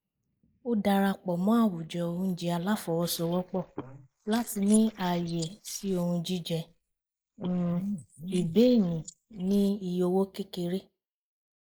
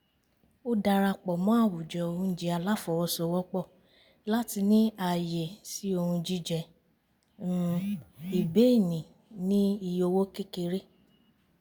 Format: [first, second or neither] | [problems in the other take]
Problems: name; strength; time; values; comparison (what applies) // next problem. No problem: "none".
second | noise reduction (neural mask model Resemble Enhance denoiser)